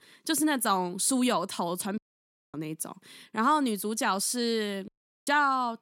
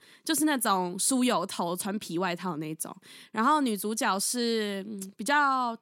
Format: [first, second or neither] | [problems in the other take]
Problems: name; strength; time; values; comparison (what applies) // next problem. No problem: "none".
second | audio cutting out; at 2 s for 0.5 s and at 5 s